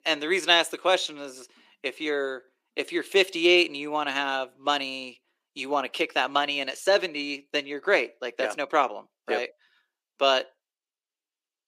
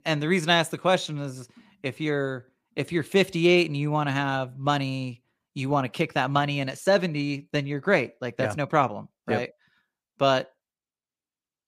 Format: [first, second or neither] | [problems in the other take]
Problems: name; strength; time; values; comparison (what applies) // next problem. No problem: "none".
second | thin; somewhat; fading below 350 Hz